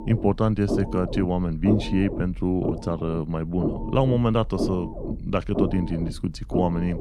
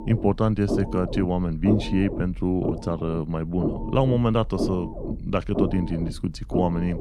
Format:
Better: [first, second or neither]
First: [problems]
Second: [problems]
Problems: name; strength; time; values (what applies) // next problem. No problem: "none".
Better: neither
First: low rumble; loud; throughout; 6 dB below the speech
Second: low rumble; loud; throughout; 6 dB below the speech